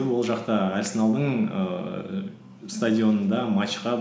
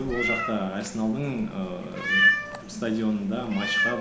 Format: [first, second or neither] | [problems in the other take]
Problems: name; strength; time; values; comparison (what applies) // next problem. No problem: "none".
first | background sound (Meow); 1 dB above the speech